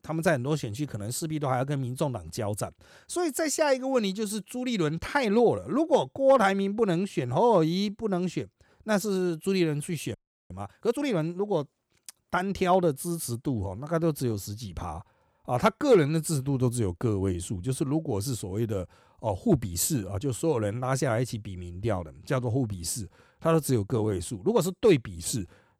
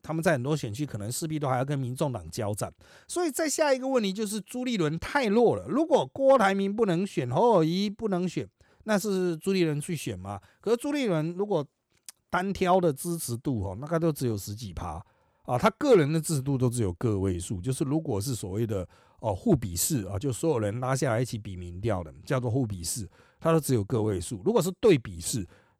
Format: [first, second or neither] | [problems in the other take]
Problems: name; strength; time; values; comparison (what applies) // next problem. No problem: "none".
second | audio freezing; at 10 s